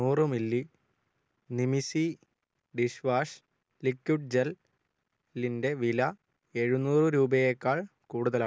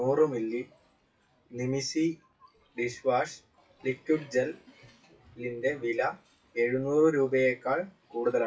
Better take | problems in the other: first | noise reduction (classical method WPE with log-MMSE)

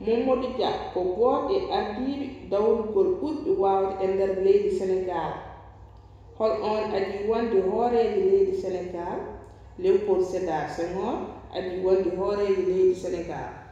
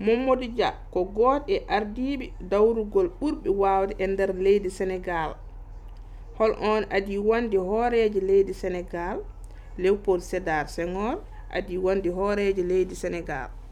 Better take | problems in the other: second | room echo; dies away in 1 s

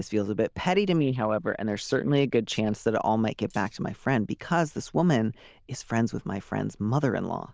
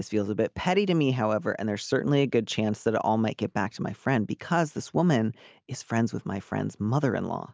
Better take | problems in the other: second | noise reduction (neural diffusion model UNIVERSE++)

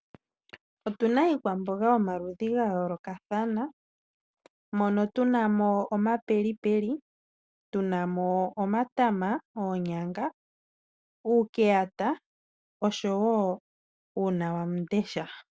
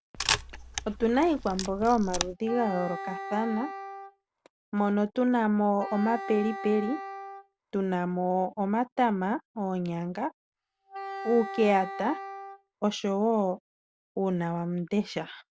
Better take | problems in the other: first | background sound (Wind instrument, woodwind instrument + Camera); 8 dB below the speech

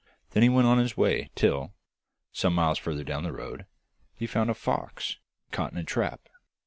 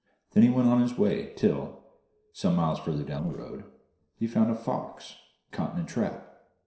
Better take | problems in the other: first | noise reduction (neural separator model SepFormer DNS4)

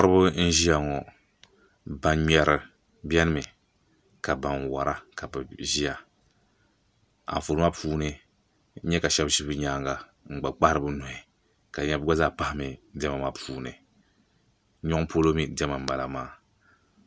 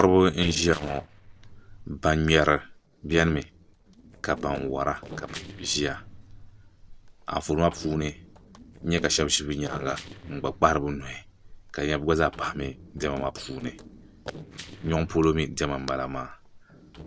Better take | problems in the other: first | noise reduction (neural separator model SepFormer DNS4)

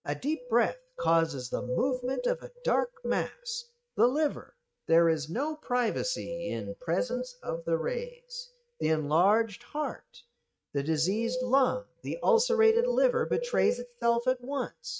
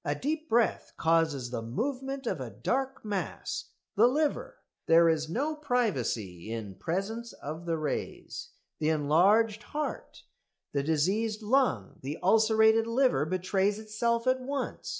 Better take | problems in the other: second | noise reduction (neural mask model RNNoise)

